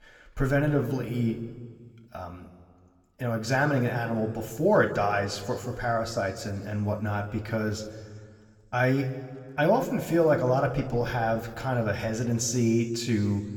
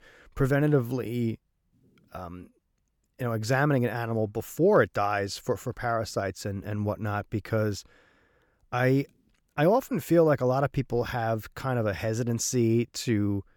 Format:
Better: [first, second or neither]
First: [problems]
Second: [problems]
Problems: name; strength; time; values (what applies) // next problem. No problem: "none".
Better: second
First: room echo; slight; dies away in 1.5 s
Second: none